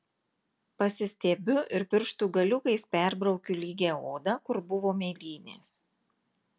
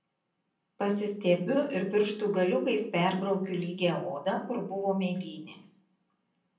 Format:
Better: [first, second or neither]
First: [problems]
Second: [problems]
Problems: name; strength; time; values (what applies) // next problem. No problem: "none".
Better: first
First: none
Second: room echo; dies away in 0.6 s